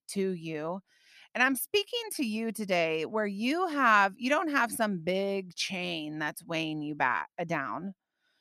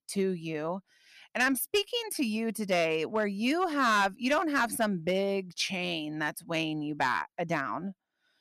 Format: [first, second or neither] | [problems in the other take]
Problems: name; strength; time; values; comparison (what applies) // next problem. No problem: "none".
first | distortion; slight; 2% of the sound clipped